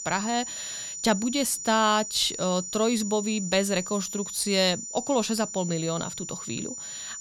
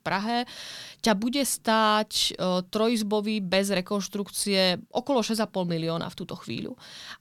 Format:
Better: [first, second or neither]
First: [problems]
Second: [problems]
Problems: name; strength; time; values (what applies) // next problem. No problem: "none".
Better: second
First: high-pitched whine; loud; throughout; 7 kHz, 8 dB below the speech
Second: none